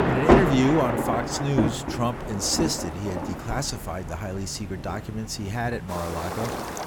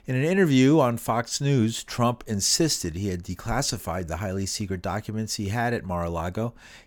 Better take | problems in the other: second | rain or running water; very loud; throughout; 1 dB above the speech

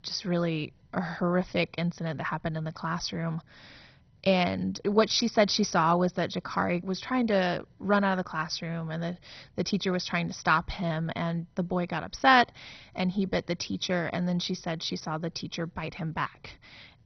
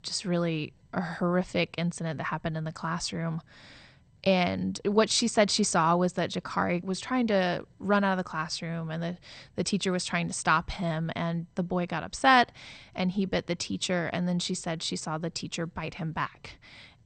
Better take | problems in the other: second | garbled, watery; badly; nothing above 6 kHz; slightly in the second

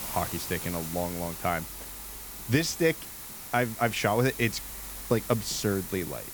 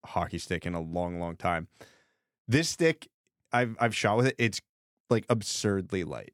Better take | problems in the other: second | hiss; loud; throughout; 8 dB below the speech

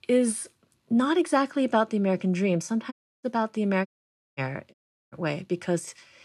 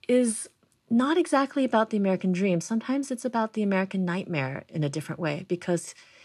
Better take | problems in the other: second | audio cutting out; at 3 s, at 4 s for 0.5 s and at 4.5 s

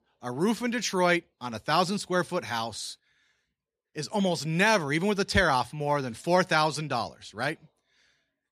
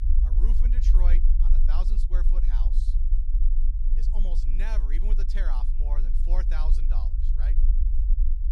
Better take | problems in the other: first | low rumble; loud; throughout; 6 dB below the speech

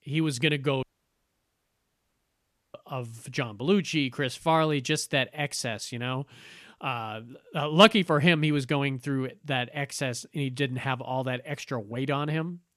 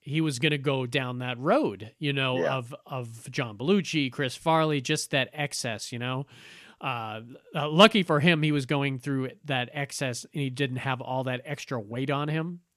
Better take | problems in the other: second | audio cutting out; at 1 s for 2 s

